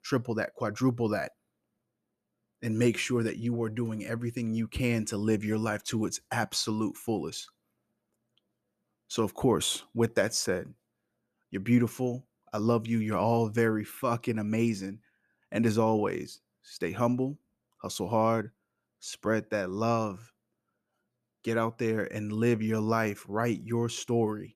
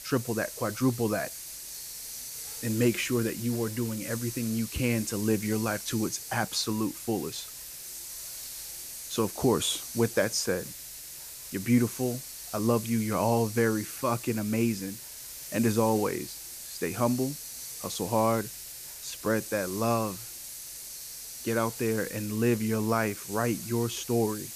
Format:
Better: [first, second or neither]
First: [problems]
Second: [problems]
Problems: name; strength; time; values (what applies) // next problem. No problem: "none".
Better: first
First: none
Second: hiss; loud; throughout; 9 dB below the speech